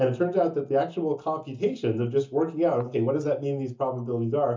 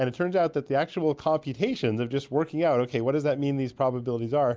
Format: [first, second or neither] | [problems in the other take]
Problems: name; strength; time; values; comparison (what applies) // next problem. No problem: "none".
second | noise reduction (neural mask model DeepFilterNet 3)